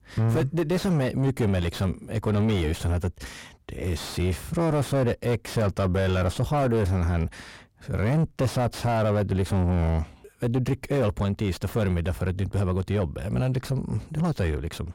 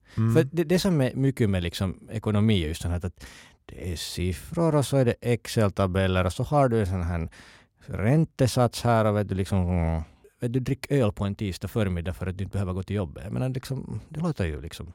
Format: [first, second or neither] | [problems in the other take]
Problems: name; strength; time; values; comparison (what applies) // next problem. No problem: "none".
second | distortion; heavy; 6 dB below the speech